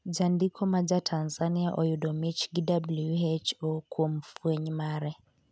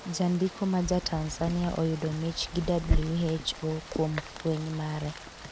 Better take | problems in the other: first | background sound (Rain); 5 dB below the speech

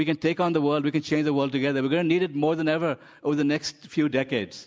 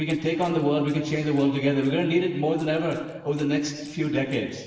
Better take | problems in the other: first | noise reduction (neural separator model SepFormer DNS4)

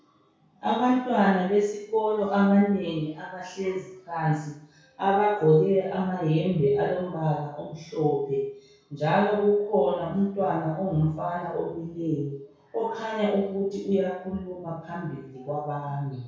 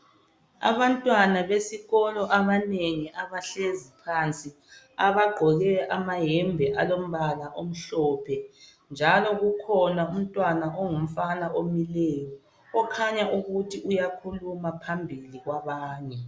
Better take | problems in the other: second | room echo; dies away in 0.6 s

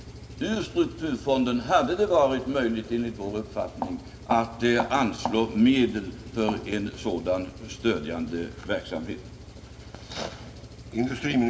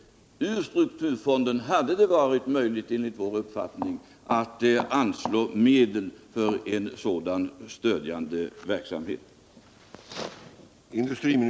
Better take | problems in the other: second | background sound (Engine); 16 dB below the speech // room echo; dies away in 3 s

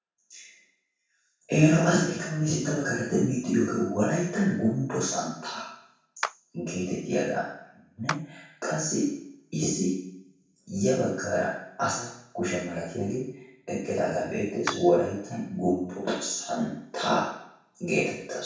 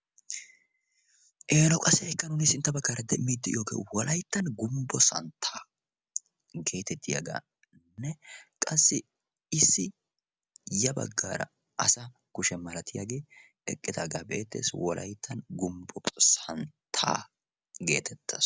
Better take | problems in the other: second | background sound (Clapping); 11 dB below the speech // room echo; dies away in 0.7 s

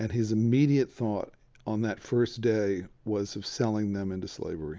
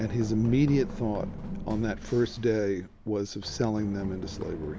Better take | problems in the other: first | background sound (Run); 10 dB below the speech

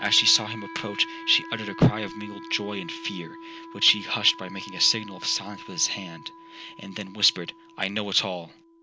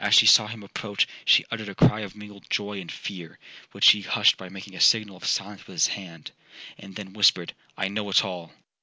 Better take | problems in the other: second | background sound (Wind instrument, woodwind instrument); 14 dB below the speech

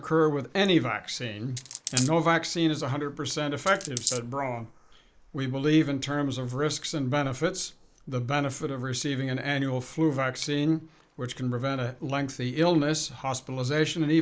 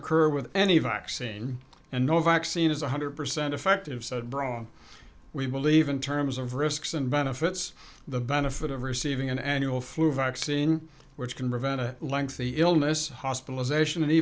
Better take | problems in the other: second | noise reduction (neural mask model Resemble Enhance denoiser)

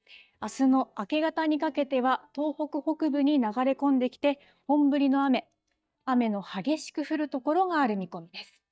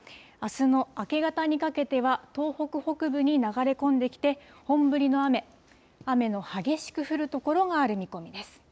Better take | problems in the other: second | noise reduction (neural mask model DeepFilterNet 3)

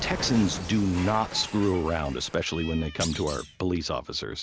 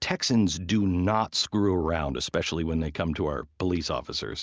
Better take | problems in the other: second | background sound (Thump, thud + Cat); 11 dB below the speech

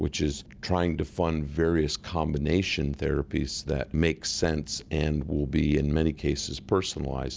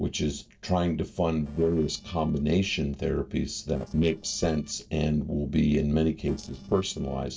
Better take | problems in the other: first | noise reduction (neural separator model SepFormer DNS4)

